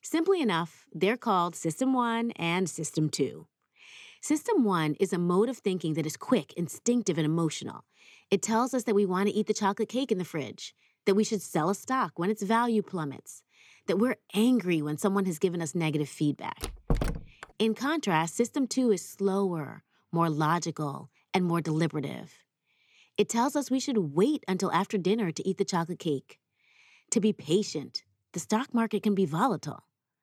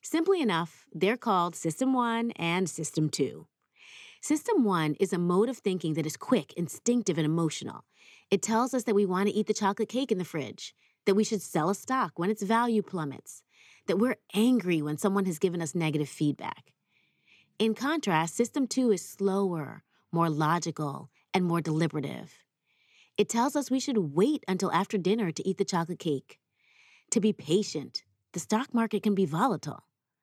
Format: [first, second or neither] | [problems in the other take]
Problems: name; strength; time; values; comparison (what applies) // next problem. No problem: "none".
second | door banging; noticeable; at 17 s; peak 3 dB below the speech